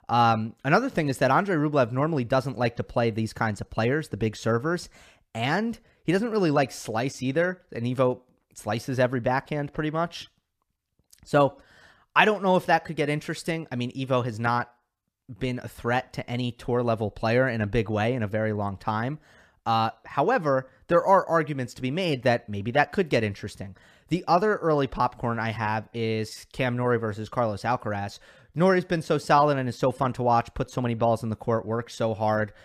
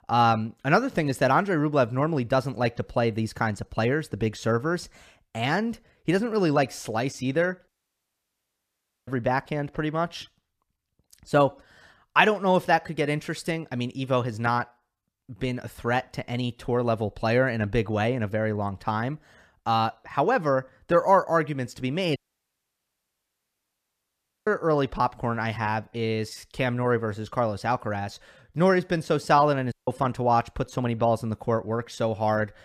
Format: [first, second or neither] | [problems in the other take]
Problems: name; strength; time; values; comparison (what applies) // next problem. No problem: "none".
first | audio cutting out; at 7.5 s for 1.5 s, at 22 s for 2.5 s and at 30 s